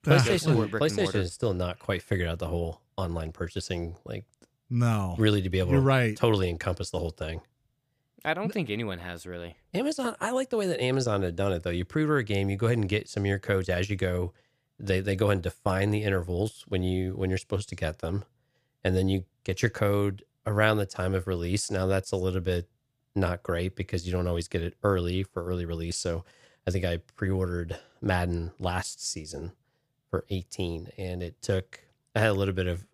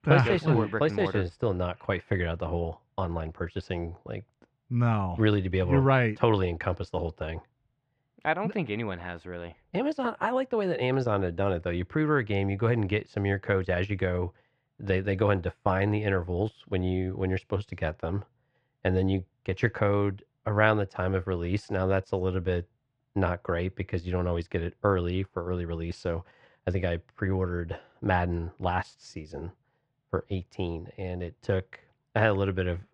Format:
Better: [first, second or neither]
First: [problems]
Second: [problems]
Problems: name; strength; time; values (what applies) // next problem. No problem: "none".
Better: first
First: none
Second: muffled; very; fading above 2 kHz